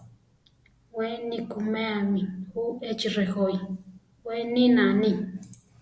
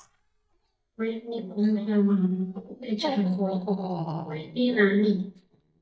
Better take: first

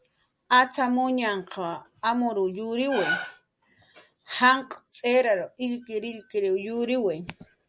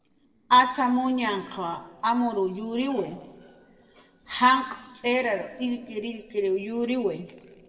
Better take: first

